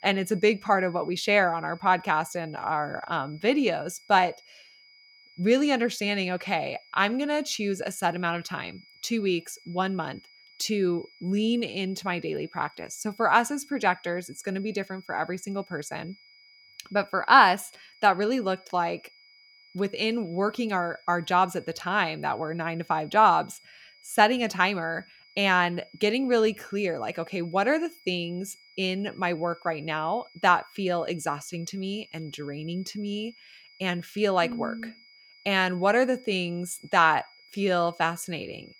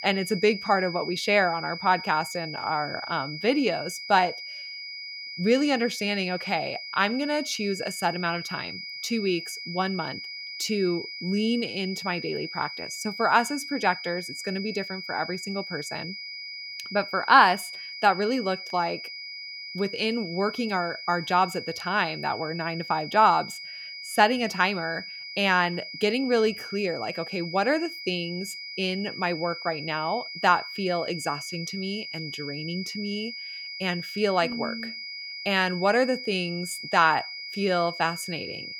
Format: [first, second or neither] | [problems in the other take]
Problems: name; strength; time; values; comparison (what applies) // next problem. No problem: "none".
first | high-pitched whine; loud; throughout; 2 kHz, 9 dB below the speech; faint in the first